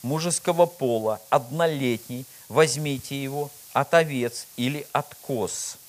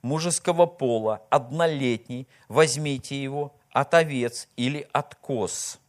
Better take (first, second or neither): second